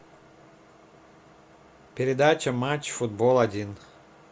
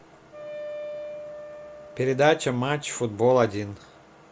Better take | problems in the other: first | background sound (Wind instrument, woodwind instrument); 13 dB below the speech

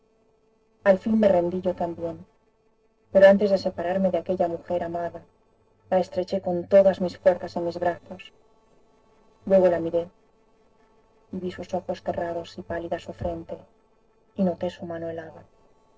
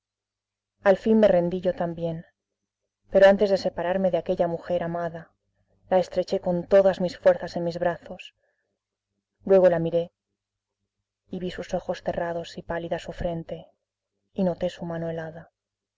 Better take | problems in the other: second | noise reduction (neural separator model SepFormer DNS4)

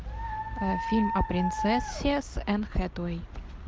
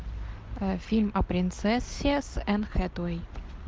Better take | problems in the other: second | background sound (Dog); 4 dB below the speech

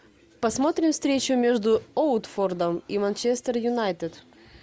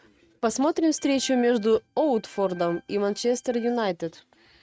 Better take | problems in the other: first | noise reduction (neural mask model RNNoise)

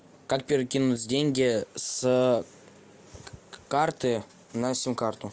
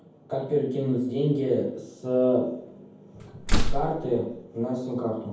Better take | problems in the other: first | background sound (Slam); 4 dB above the speech // room echo; dies away in 0.9 s

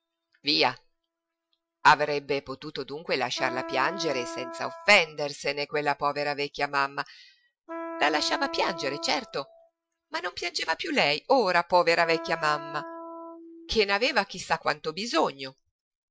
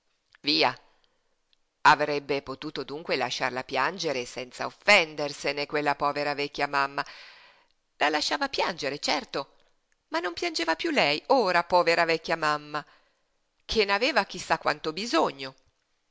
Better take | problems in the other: second | noise reduction (classical method Wiener filter)

